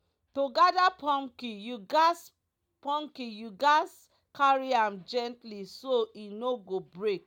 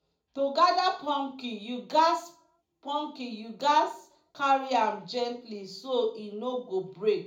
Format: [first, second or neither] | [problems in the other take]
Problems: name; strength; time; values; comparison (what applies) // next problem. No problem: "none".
first | room echo; dies away in 0.4 s